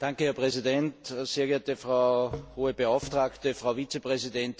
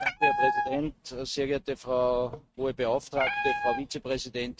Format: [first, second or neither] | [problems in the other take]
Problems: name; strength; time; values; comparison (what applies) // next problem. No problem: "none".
first | noise reduction (neural mask model RNNoise)